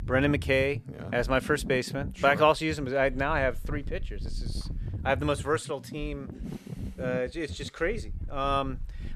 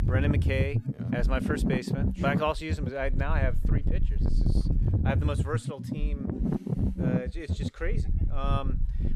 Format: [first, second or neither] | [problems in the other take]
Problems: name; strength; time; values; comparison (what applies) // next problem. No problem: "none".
first | wind noise on the microphone; heavy; 6 dB below the speech; occasional gusts in the first